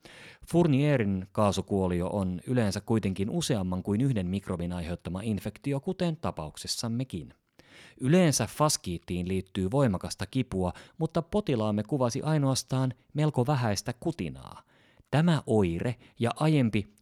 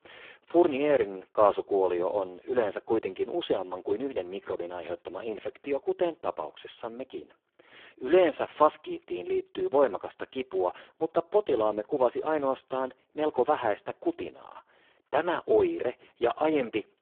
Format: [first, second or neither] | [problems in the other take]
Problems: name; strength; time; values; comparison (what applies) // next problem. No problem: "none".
first | phone-call audio; poor line